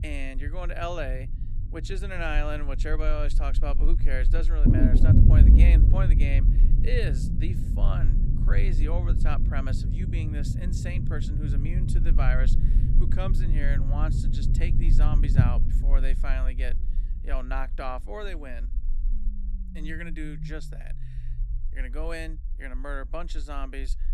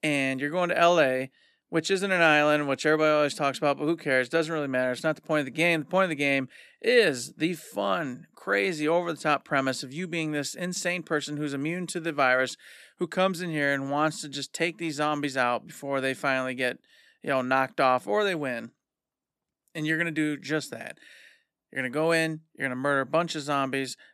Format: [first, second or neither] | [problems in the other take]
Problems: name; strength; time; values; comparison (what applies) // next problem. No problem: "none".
second | low rumble; loud; throughout; 3 dB below the speech